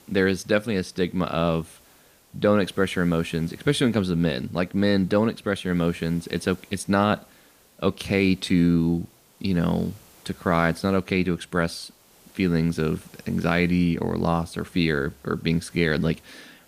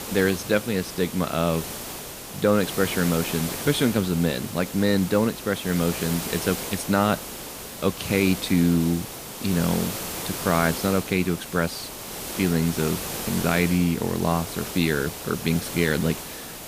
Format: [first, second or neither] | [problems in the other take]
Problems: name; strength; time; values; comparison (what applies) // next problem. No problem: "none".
first | hiss; loud; throughout; 8 dB below the speech; faint in the first